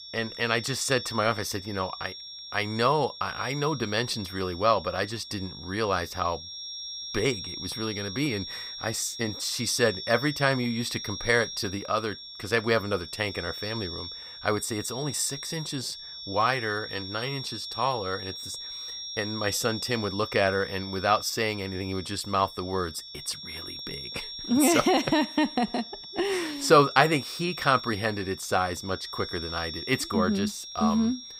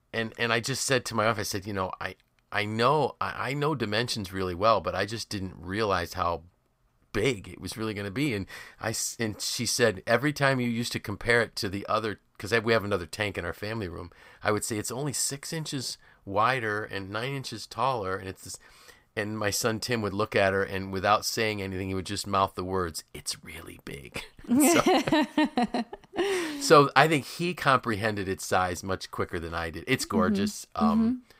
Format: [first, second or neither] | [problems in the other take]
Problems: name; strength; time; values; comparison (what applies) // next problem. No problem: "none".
second | high-pitched whine; loud; throughout; 5.5 kHz, 9 dB below the speech